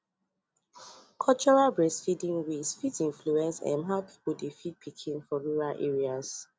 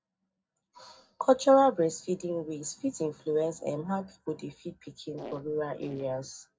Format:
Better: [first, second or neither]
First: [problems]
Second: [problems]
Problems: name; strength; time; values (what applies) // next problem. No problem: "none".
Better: first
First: none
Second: noise reduction (neural separator model SepFormer DNS4)